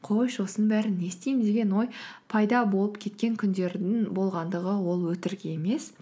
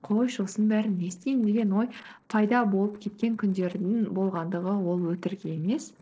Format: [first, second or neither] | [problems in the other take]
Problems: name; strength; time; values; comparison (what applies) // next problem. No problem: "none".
first | noise reduction (neural separator model SepFormer DNS4)